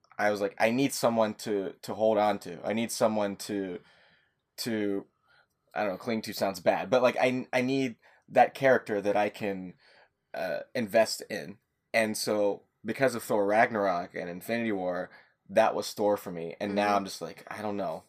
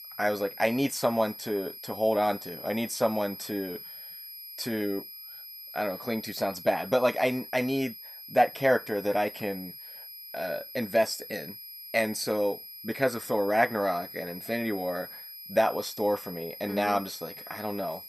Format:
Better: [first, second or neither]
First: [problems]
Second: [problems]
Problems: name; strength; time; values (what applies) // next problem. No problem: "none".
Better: first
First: none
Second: high-pitched whine; noticeable; throughout; 11.5 kHz, 10 dB below the speech